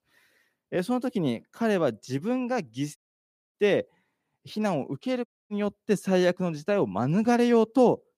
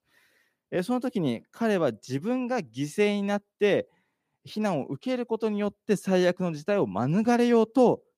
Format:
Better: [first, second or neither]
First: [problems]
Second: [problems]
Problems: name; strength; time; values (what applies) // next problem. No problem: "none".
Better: second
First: audio cutting out; at 3 s for 0.5 s and at 5.5 s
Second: none